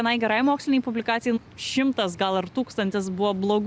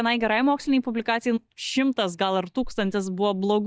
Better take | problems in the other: first | noise reduction (neural mask model DeepFilterNet 3)

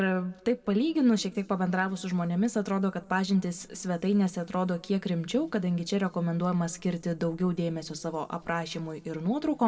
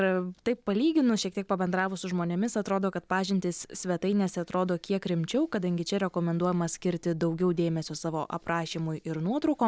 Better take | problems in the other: second | room echo; dies away in 1 s

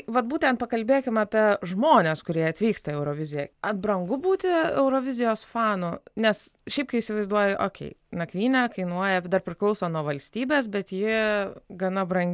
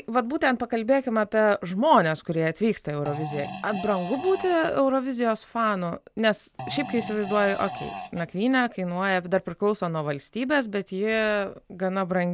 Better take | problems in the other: first | background sound (Fart); 11 dB below the speech

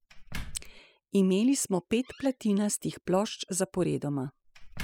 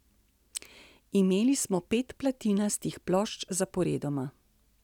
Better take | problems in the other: second | noise reduction (classical method spectral subtraction)

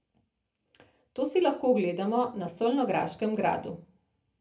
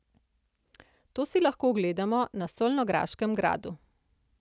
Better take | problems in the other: second | room echo; dies away in 0.3 s

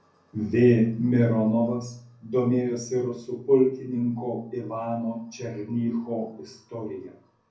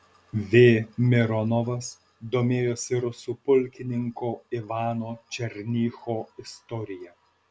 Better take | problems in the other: second | room echo; dies away in 0.6 s

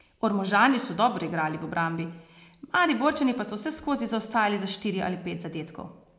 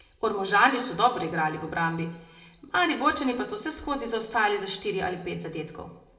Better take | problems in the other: first | room echo; dies away in 0.6 s

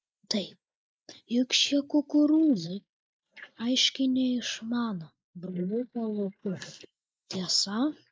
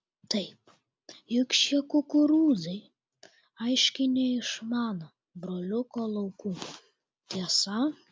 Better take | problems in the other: second | noise reduction (neural mask model Resemble Enhance denoiser)

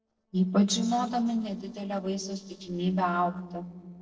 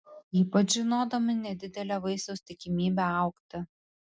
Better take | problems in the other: second | noise reduction (neural separator model SepFormer DNS4)

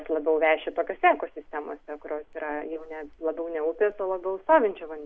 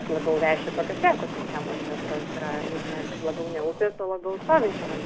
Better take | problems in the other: first | background sound (Train); 6 dB below the speech

